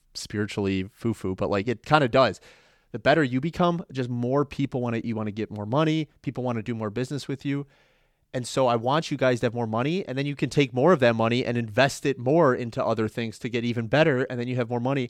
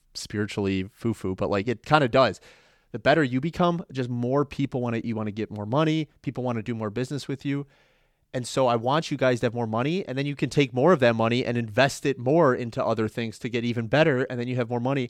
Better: neither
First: none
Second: none

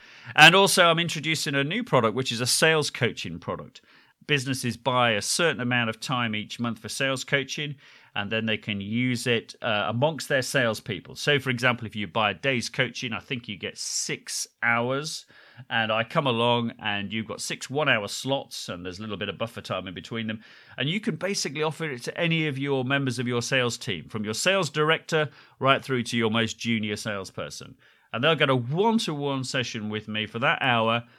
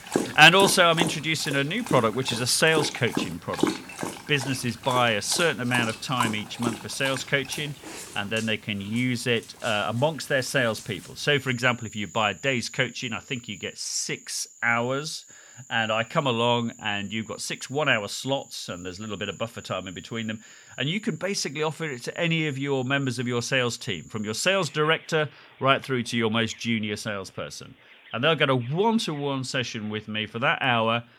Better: first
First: none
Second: animal sounds; noticeable; throughout; 10 dB below the speech

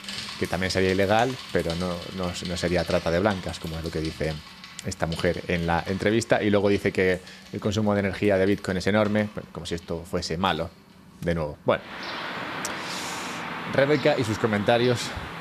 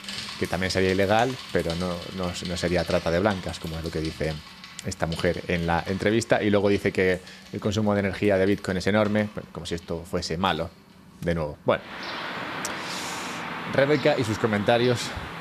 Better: neither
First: traffic noise; noticeable; throughout; 10 dB below the speech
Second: traffic noise; noticeable; throughout; 10 dB below the speech

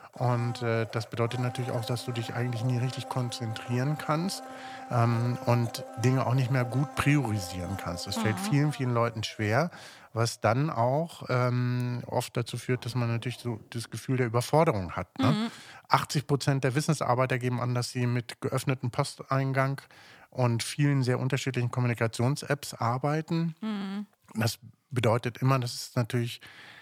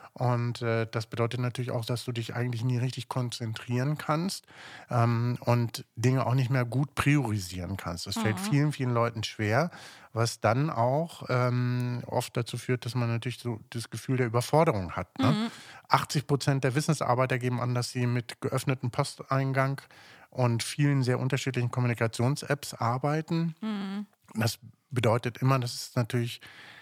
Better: second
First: household noises; noticeable; throughout; 15 dB below the speech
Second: none

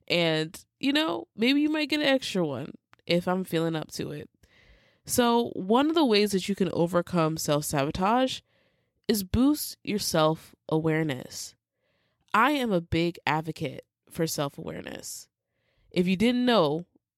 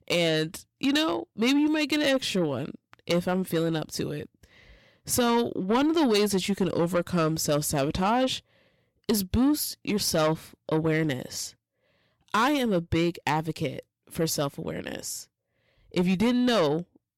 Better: first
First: none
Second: distortion; slight; 10 dB below the speech

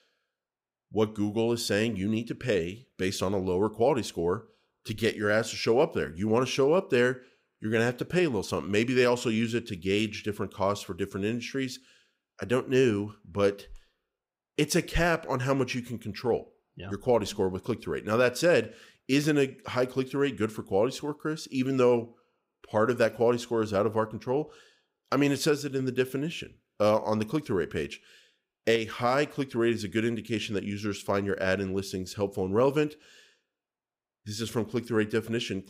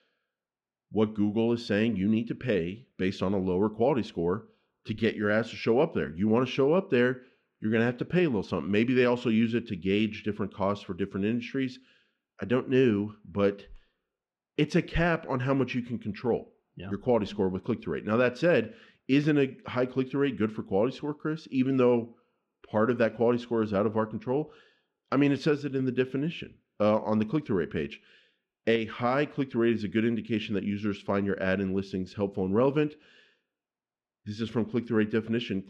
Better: first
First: none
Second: muffled; slightly; fading above 3 kHz

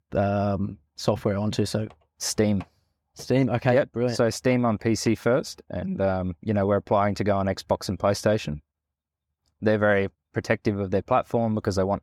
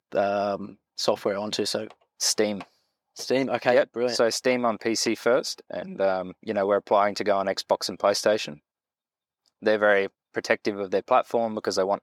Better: first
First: none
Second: thin; somewhat; fading below 350 Hz

